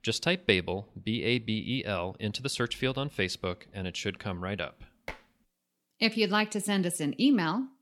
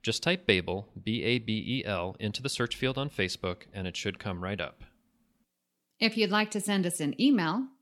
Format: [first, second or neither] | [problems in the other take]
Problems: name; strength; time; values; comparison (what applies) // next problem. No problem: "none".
second | clattering dishes; faint; at 5 s; peak 15 dB below the speech